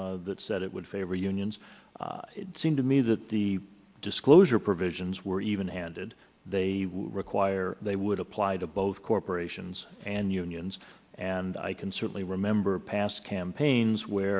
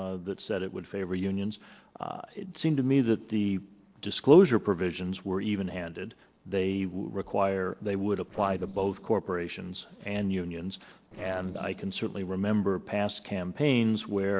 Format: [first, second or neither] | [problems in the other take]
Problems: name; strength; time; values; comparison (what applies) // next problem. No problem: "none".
first | noise reduction (neural separator model SepFormer DNS4)